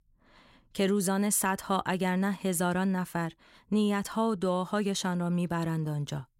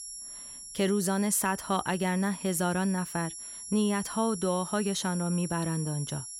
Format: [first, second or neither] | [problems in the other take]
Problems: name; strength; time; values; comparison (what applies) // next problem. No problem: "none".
first | high-pitched whine; loud; throughout; 11 kHz, 10 dB below the speech